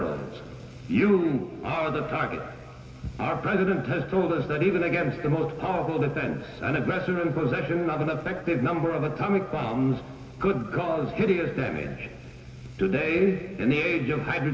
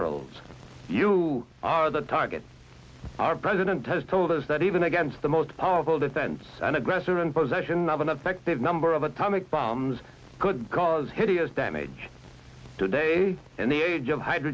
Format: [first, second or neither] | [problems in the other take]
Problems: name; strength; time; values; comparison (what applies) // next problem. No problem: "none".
second | room echo; dies away in 2.3 s